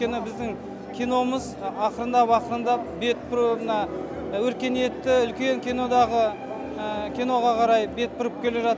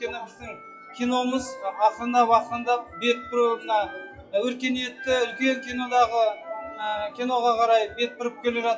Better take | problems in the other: first | noise reduction (classical method WPE with log-MMSE)

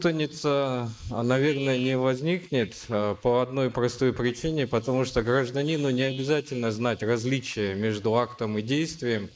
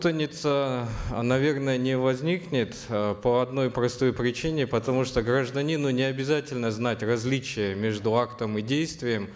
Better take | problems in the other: second | noise reduction (neural mask model Resemble Enhance denoiser)

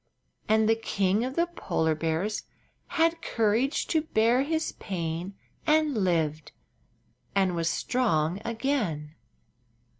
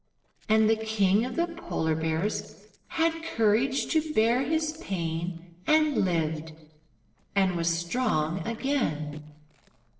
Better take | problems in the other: first | noise reduction (neural separator model SepFormer DNS4)

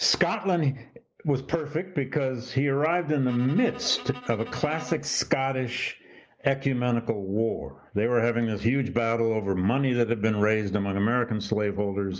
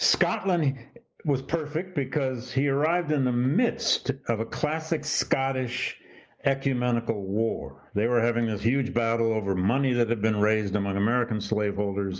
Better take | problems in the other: second | background sound (Bowed string instrument); 17 dB below the speech

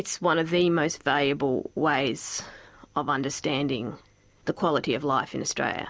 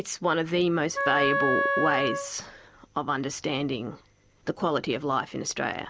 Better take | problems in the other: first | background sound (Wind instrument, woodwind instrument); as loud as the speech

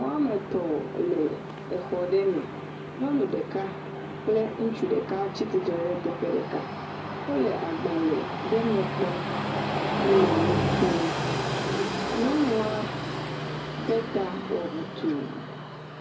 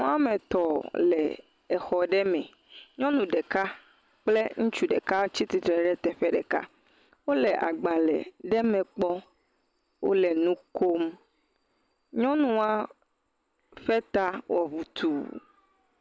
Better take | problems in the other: second | background sound (Train); 3 dB below the speech // room echo; dies away in 0.4 s

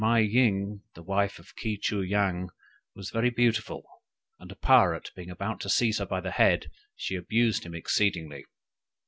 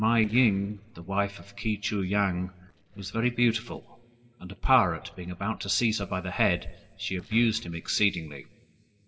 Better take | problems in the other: first | noise reduction (neural separator model SepFormer DNS4)

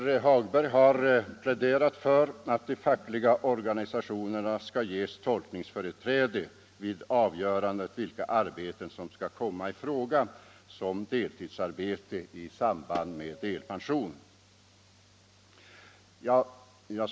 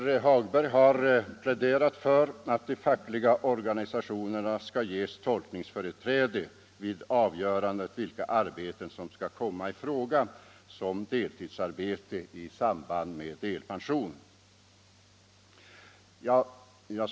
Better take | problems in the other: second | background sound (Tabla); 17 dB below the speech

